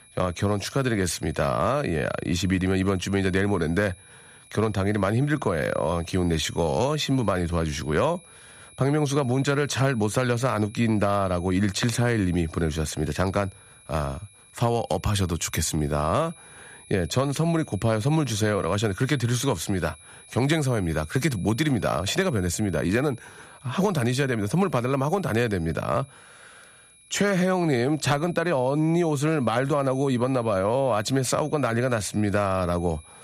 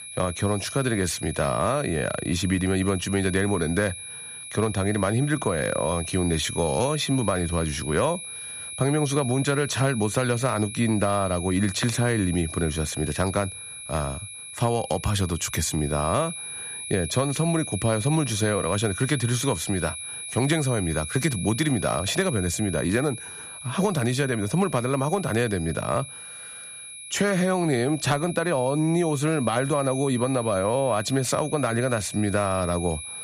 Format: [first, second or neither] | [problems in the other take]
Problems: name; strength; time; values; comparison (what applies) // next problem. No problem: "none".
first | high-pitched whine; loud; throughout; 10.5 kHz, 9 dB below the speech; faint in the first